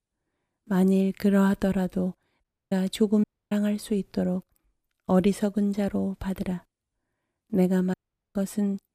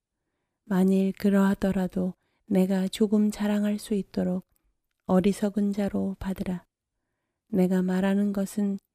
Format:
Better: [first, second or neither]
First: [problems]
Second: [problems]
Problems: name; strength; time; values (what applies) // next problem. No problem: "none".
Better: second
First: audio cutting out; at 2.5 s, at 3 s and at 8 s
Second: none